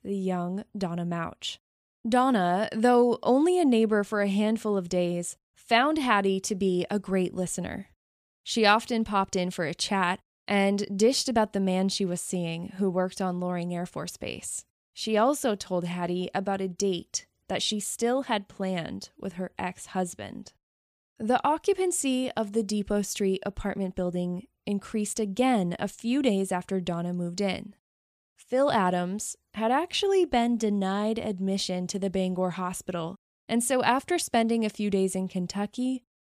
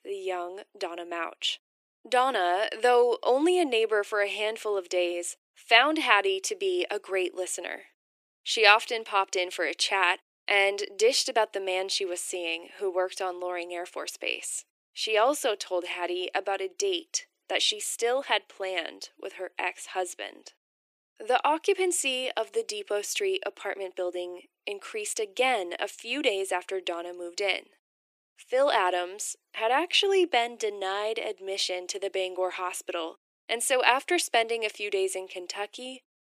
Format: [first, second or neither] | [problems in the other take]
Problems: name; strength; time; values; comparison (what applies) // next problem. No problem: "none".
first | thin; very; fading below 300 Hz